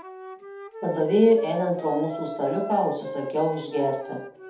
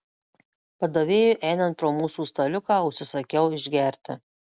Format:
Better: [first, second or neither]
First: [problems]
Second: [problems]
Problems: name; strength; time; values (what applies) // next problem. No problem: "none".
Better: second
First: background sound (Wind instrument, woodwind instrument); 12 dB below the speech // room echo; dies away in 0.6 s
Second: none